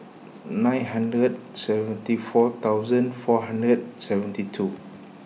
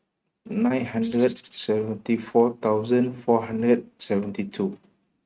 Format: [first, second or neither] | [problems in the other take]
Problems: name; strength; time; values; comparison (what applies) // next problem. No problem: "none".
first | noise reduction (neural mask model RNNoise)